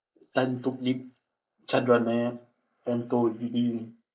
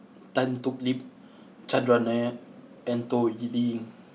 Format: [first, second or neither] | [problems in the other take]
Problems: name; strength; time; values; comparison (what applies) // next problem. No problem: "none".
second | noise reduction (neural mask model Resemble Enhance denoiser)